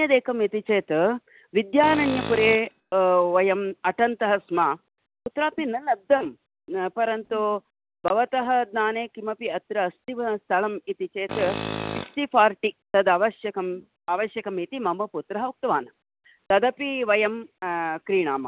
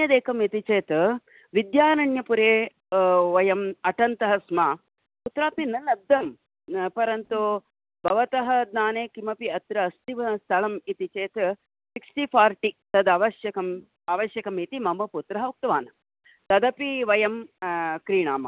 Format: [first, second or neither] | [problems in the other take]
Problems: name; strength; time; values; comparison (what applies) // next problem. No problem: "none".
second | background sound (Tools); 8 dB below the speech